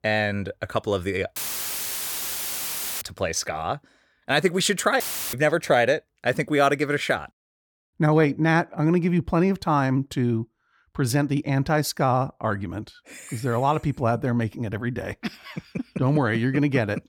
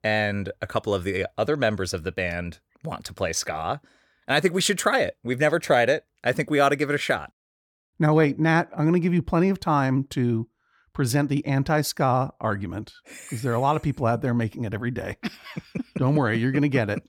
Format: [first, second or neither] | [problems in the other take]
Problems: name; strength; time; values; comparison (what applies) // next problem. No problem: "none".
second | audio cutting out; filled with static; at 1.5 s for 1.5 s and at 5 s